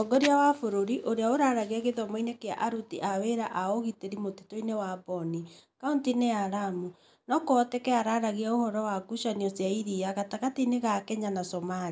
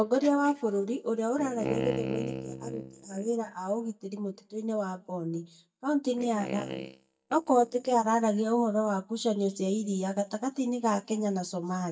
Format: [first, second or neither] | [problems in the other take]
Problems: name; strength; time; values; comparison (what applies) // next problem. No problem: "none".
first | noise reduction (neural mask model DeepFilterNet 3)